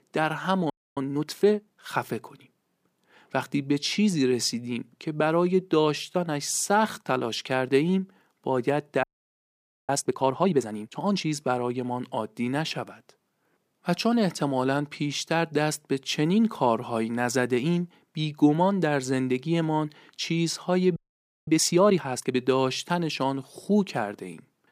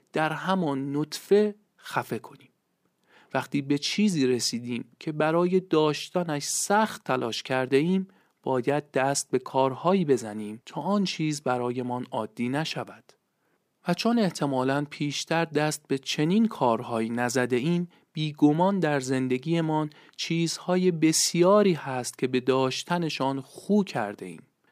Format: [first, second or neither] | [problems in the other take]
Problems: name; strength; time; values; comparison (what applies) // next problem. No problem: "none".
second | audio freezing; at 0.5 s, at 9 s for 1 s and at 21 s for 0.5 s